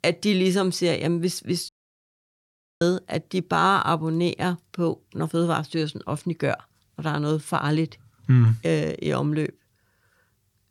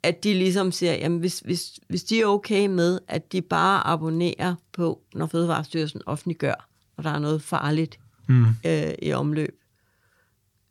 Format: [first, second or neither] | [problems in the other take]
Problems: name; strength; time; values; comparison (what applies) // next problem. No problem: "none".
second | audio cutting out; at 1.5 s for 1 s